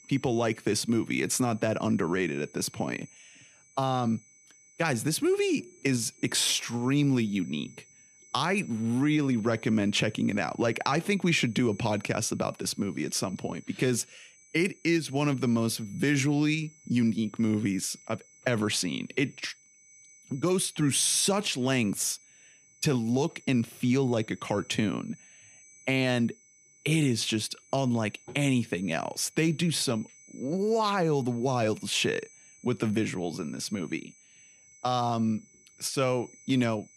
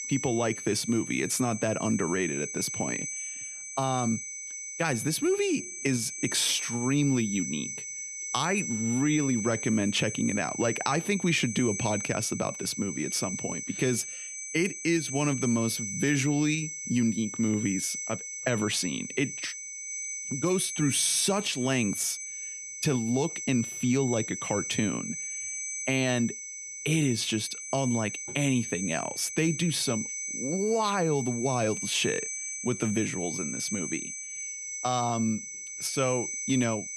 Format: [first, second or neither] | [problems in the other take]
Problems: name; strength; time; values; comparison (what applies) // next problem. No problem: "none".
first | high-pitched whine; loud; throughout; 6 kHz, 5 dB below the speech; faint in the first